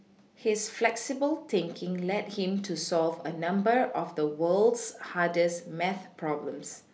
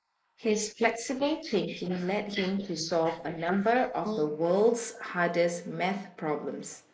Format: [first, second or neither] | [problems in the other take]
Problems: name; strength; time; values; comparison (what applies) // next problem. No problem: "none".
first | noise reduction (neural mask model Resemble Enhance denoiser)